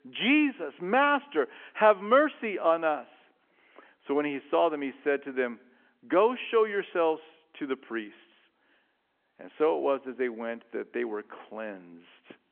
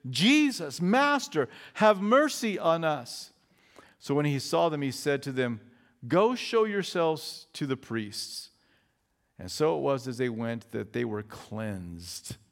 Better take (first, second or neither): second